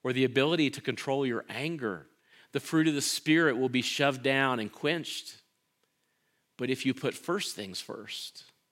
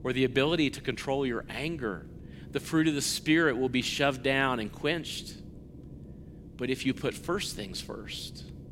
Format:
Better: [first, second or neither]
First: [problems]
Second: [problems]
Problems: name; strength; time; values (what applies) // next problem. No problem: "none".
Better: first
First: none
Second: low rumble; faint; throughout; 25 dB below the speech